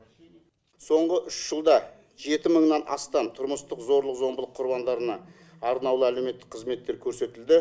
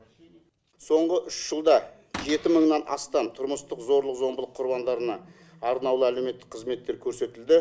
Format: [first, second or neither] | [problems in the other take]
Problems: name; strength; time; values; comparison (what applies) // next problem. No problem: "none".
first | background sound (Cupboard open or close / Door); 13 dB below the speech